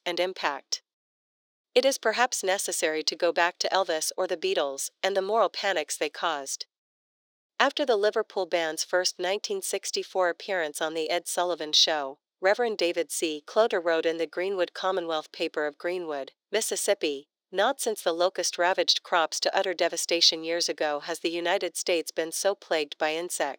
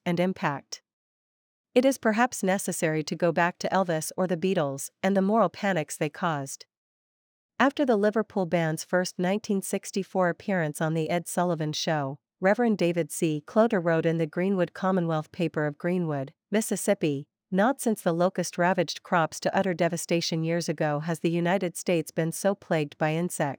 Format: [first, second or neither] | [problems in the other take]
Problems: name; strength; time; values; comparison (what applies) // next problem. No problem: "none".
second | thin; very; fading below 400 Hz